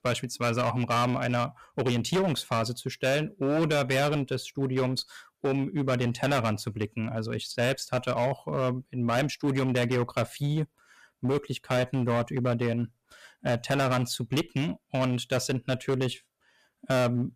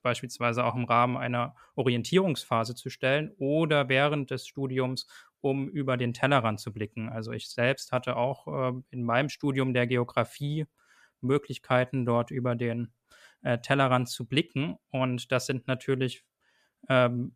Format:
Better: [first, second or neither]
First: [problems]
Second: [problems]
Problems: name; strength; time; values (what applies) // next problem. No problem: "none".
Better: second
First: distortion; heavy; 13% of the sound clipped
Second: none